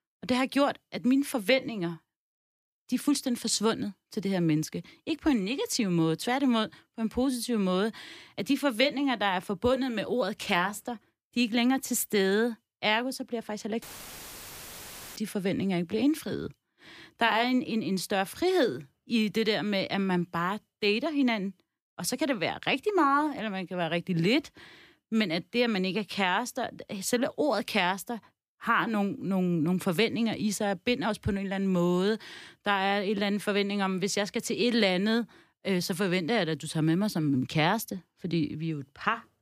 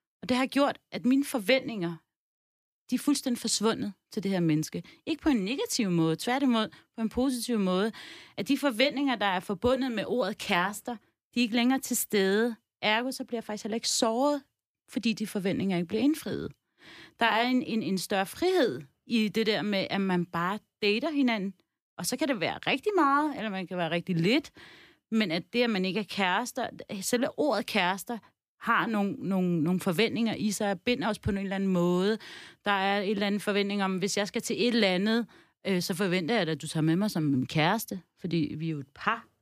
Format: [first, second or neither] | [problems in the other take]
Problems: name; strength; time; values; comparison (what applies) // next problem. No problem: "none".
second | audio cutting out; filled with static; at 14 s for 1.5 s